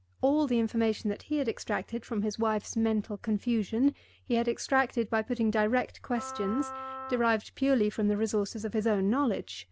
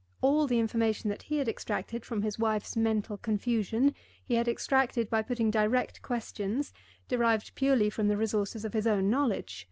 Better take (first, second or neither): second